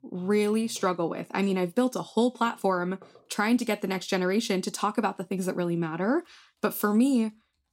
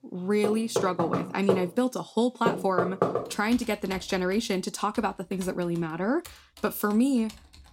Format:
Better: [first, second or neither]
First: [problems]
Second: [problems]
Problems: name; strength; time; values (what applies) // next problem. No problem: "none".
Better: first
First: household noises; faint; throughout; 30 dB below the speech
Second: household noises; loud; throughout; 3 dB below the speech